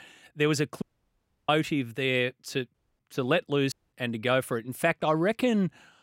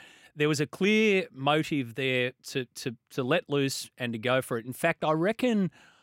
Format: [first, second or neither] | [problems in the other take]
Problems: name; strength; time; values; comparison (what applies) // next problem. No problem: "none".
second | audio cutting out; at 1 s for 0.5 s, at 2.5 s and at 3.5 s